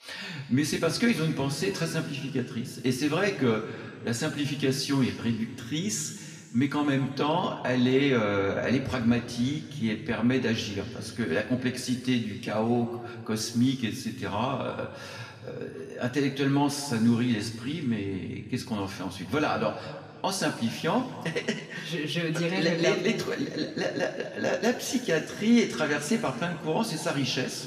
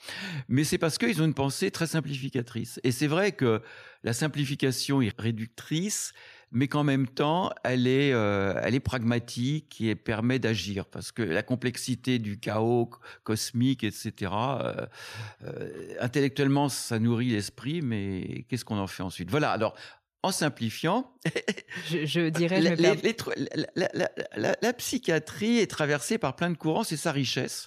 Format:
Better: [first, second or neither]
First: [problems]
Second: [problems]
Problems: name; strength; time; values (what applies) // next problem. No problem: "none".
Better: second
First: room echo; slight; dies away in 1.9 s // off-mic speech; somewhat distant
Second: none